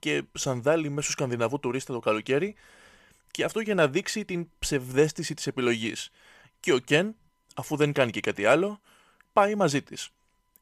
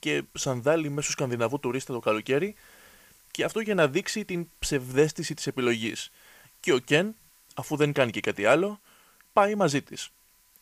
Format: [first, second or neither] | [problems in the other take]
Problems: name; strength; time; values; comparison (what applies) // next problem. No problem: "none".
first | hiss; faint; throughout; 30 dB below the speech